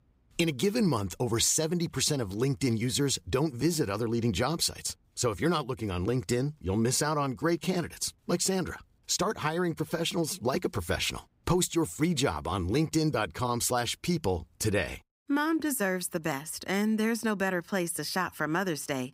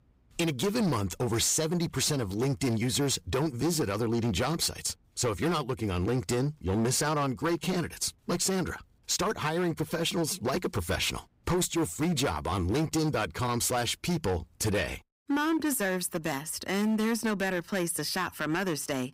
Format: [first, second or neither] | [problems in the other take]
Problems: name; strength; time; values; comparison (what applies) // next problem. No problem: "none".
first | distortion; slight; 13% of the sound clipped